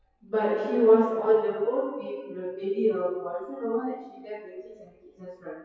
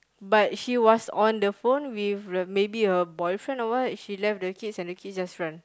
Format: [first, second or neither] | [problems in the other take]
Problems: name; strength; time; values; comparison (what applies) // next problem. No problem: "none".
second | noise reduction (classical method WPE with log-MMSE)